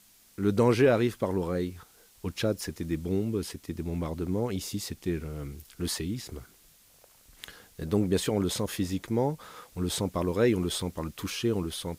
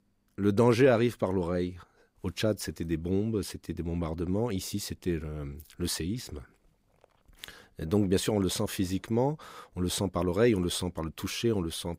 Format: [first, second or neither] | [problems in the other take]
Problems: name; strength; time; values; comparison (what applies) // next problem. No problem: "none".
second | hiss; faint; throughout; 25 dB below the speech